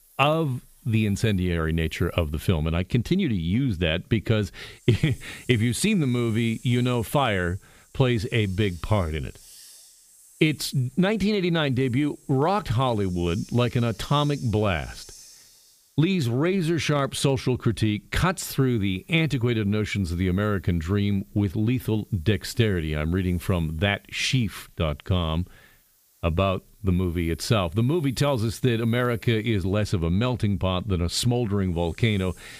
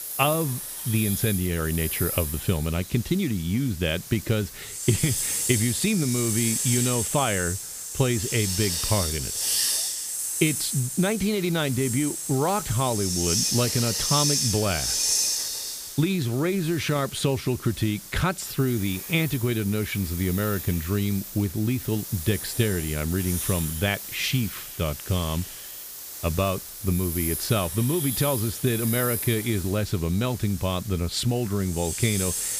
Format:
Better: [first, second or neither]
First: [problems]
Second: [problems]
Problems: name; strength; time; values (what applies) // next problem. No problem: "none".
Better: first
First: hiss; faint; throughout; 25 dB below the speech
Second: hiss; loud; throughout; 2 dB below the speech